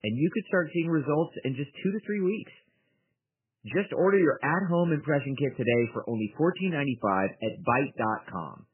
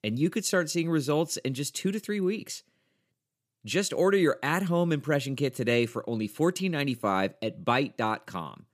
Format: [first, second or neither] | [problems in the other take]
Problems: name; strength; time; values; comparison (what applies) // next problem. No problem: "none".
second | garbled, watery; badly; nothing above 3 kHz